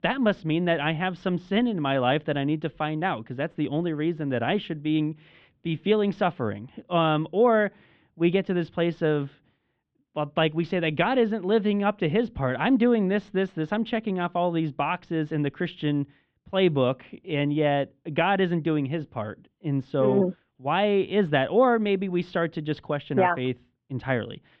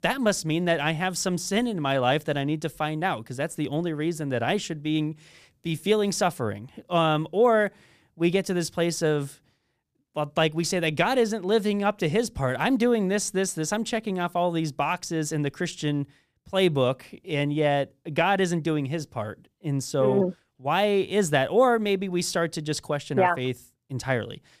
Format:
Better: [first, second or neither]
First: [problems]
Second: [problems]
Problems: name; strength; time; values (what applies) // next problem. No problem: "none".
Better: second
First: muffled; very; fading above 3.5 kHz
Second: none